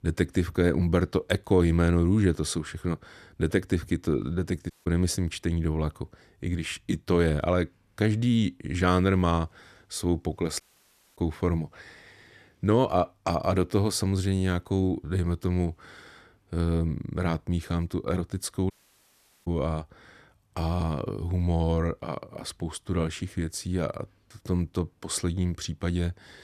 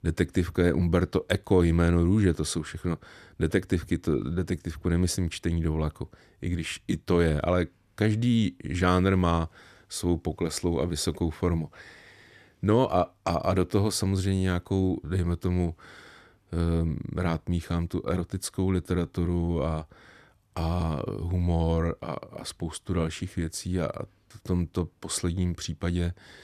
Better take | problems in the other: second | audio cutting out; at 4.5 s, at 11 s for 0.5 s and at 19 s for 1 s

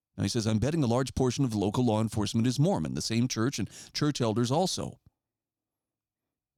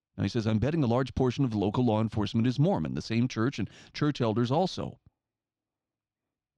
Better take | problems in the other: first | muffled; slightly; fading above 3 kHz

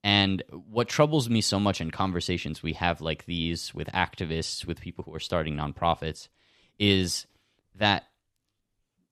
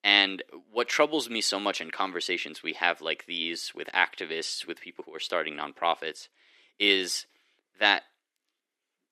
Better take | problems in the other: first | thin; somewhat; fading below 350 Hz

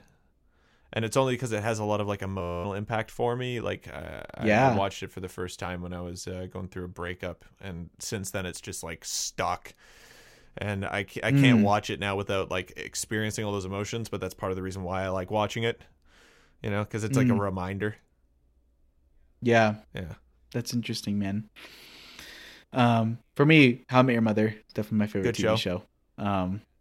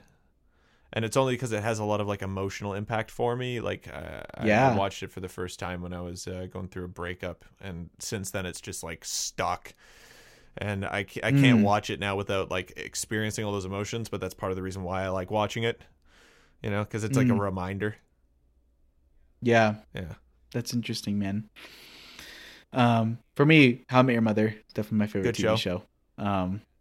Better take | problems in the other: second | audio freezing; at 2.5 s

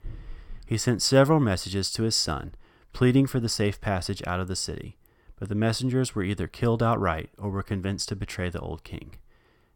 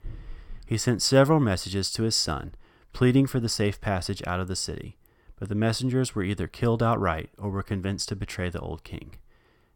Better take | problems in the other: neither | dog barking; faint; at the start; peak 20 dB below the speech; the same in both

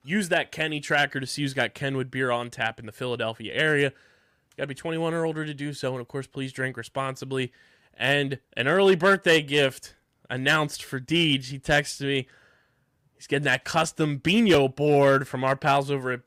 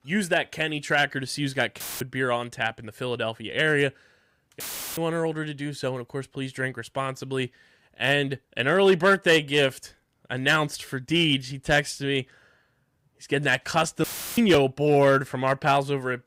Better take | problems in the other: first | audio cutting out; filled with static; at 2 s, at 4.5 s and at 14 s

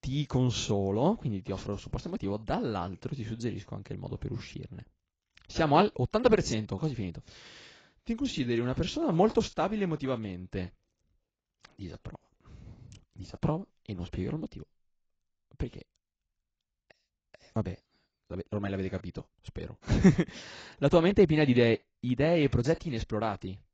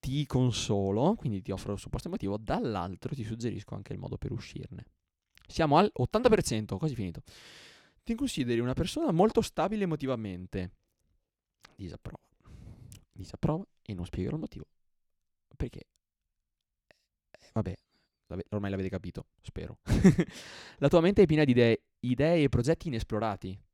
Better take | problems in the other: second | garbled, watery; badly; nothing above 7.5 kHz

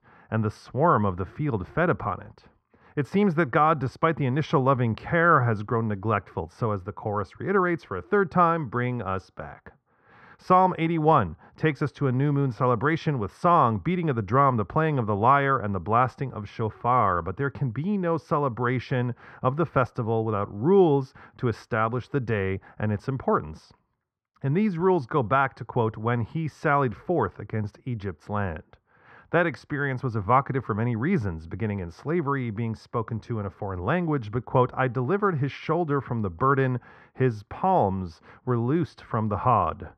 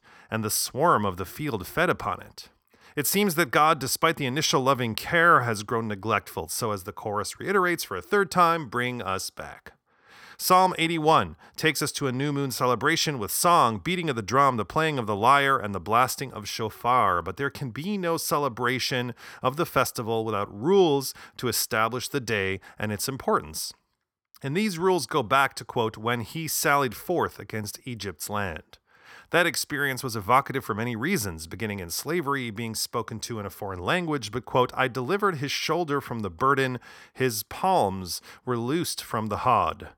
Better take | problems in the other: second | muffled; very; fading above 1.5 kHz

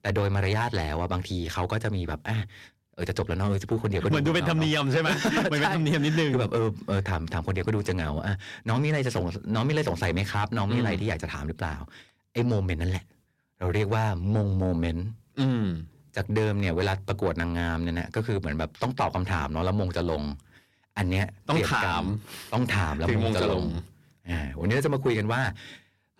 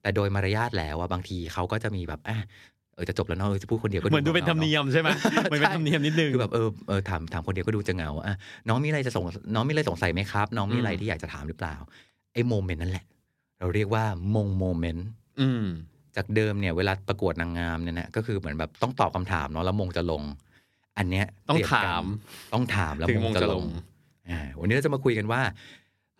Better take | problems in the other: second | distortion; slight; 10 dB below the speech

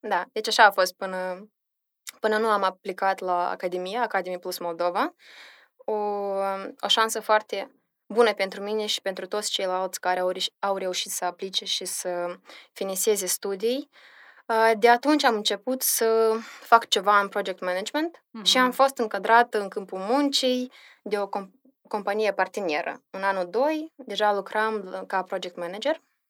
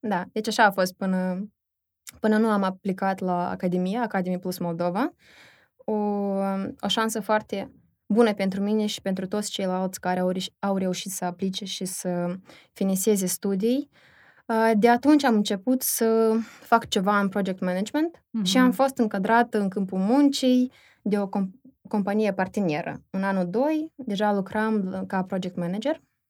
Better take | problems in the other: second | thin; somewhat; fading below 350 Hz

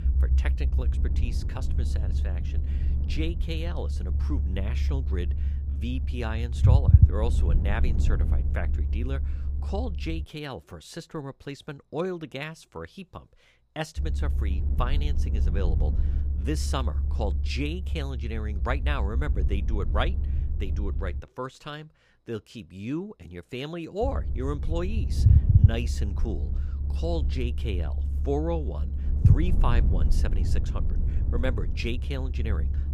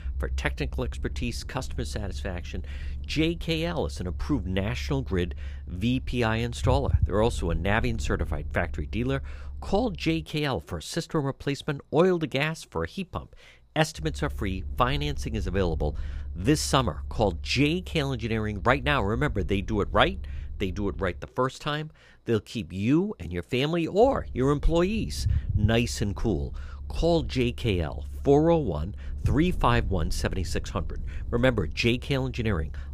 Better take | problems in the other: second | low rumble; loud; until 10 s, from 14 to 21 s and from 24 s on; 7 dB below the speech; faint in the second

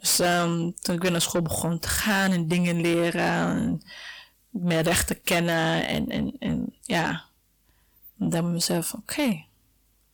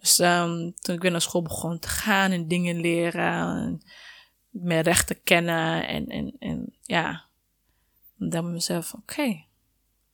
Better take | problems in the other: second | distortion; heavy; 7 dB below the speech

